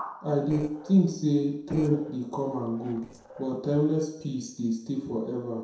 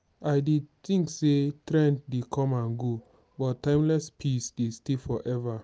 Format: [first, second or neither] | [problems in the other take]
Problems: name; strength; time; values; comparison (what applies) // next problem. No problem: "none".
second | noise reduction (neural separator model SepFormer DNS4)